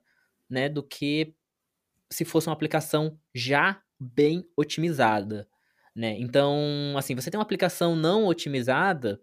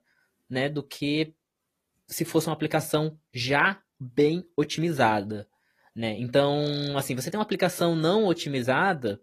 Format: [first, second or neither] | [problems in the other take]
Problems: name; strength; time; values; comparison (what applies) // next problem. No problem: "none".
first | garbled, watery; slightly; nothing above 14.5 kHz